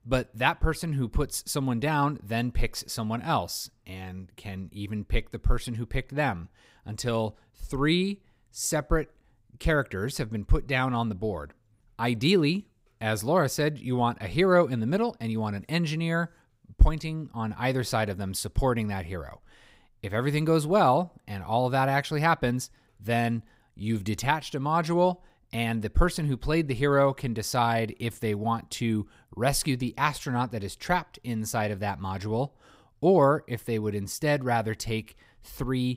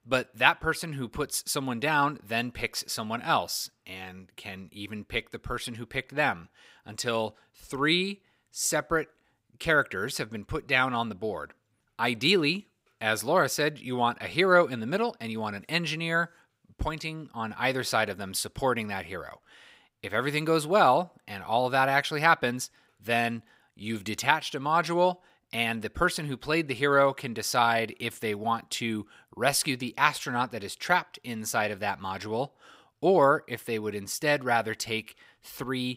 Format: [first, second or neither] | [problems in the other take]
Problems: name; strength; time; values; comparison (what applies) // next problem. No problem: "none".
first | thin; very slightly; fading below 750 Hz